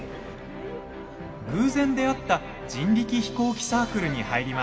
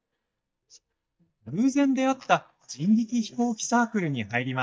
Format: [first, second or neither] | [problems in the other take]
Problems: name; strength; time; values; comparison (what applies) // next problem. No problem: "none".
first | noise reduction (neural mask model DeepFilterNet 3)